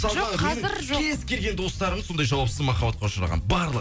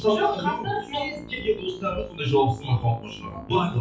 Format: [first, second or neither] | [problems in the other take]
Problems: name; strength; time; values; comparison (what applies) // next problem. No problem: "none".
first | noise reduction (classical method WPE with log-MMSE)